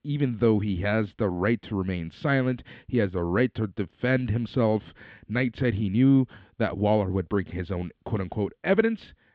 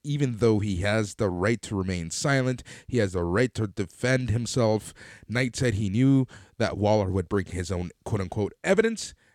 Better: second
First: muffled; very; fading above 3.5 kHz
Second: none

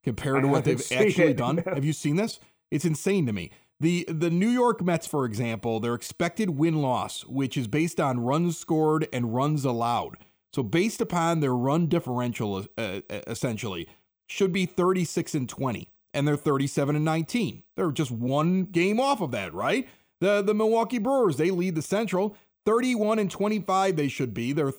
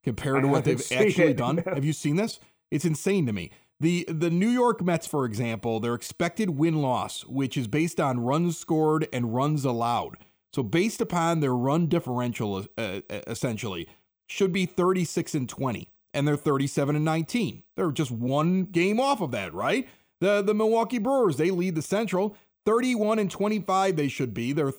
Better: neither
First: none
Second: none

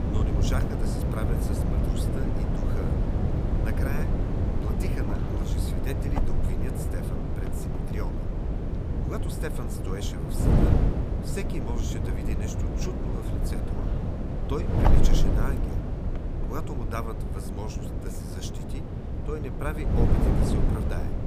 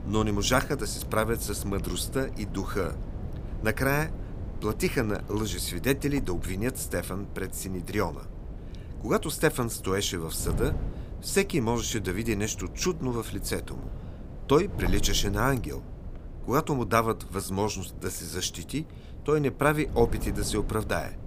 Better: second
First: wind noise on the microphone; heavy; 3 dB above the speech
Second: wind noise on the microphone; occasional gusts; 20 dB below the speech

